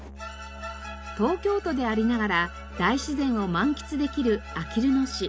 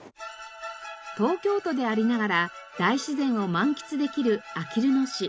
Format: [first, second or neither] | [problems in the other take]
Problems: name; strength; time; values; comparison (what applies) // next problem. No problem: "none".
second | background sound (Musical instrument); 15 dB below the speech